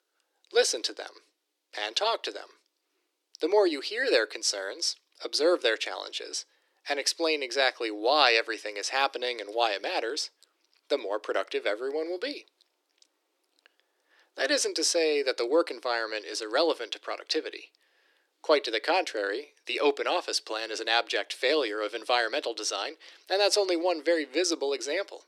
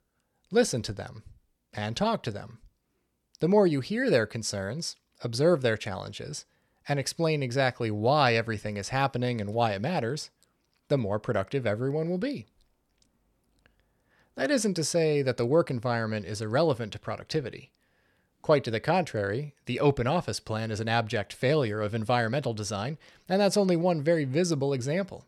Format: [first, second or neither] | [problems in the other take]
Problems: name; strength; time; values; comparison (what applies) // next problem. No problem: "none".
second | thin; very; fading below 300 Hz